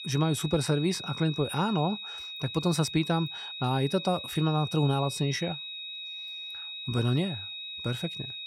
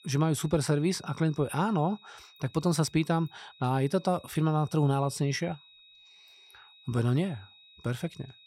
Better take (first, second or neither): second